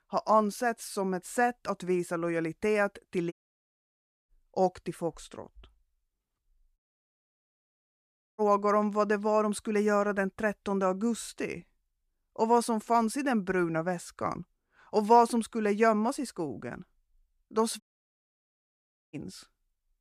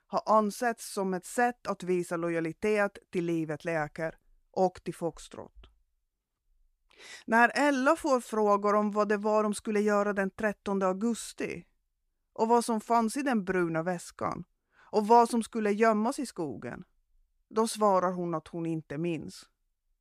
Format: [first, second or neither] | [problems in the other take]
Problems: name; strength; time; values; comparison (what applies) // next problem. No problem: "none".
second | audio cutting out; at 3.5 s for 1 s, at 7 s for 1.5 s and at 18 s for 1.5 s